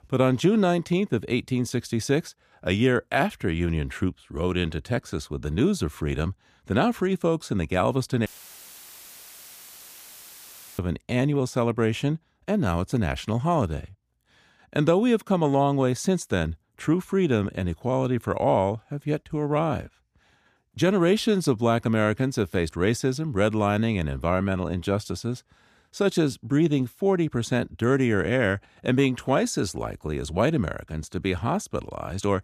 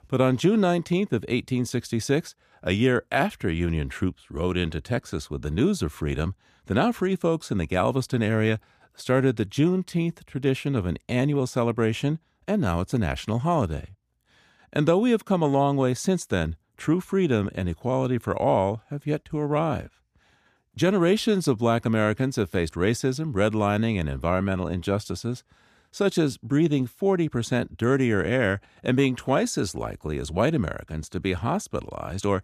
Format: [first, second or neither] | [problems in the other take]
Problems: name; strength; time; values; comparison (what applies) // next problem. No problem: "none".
second | audio cutting out; filled with static; at 8.5 s for 2.5 s